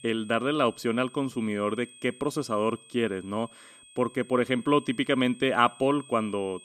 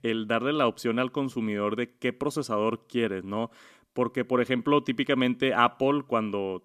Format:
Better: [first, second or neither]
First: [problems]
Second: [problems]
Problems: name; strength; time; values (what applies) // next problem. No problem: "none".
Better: second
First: high-pitched whine; faint; throughout; 8.5 kHz, 20 dB below the speech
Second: none